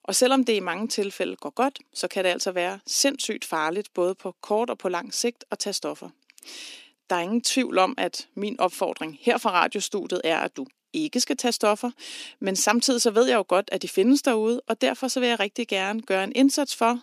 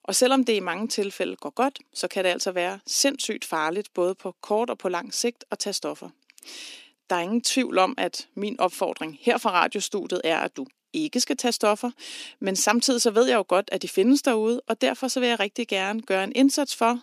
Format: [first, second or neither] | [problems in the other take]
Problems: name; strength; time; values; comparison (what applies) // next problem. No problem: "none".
neither | thin; very slightly; fading below 250 Hz; the same in both